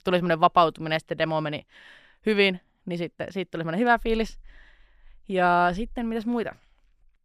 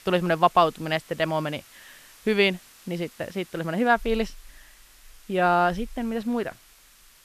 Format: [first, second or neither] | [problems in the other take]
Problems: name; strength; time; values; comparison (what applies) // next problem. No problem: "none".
first | hiss; faint; throughout; 25 dB below the speech